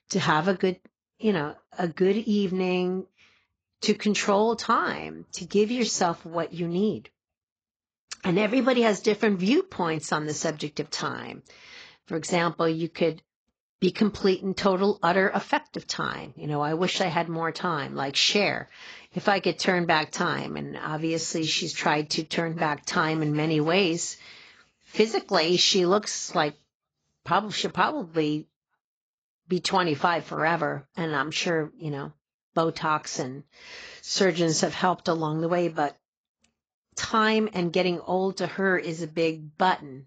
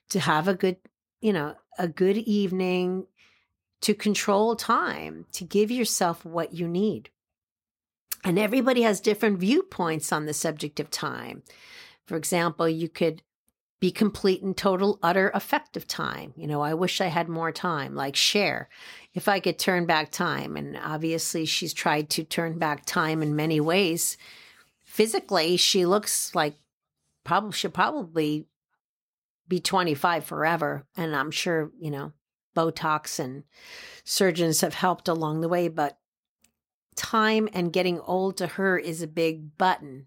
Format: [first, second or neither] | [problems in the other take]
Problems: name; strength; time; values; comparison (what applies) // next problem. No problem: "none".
second | garbled, watery; badly; nothing above 7.5 kHz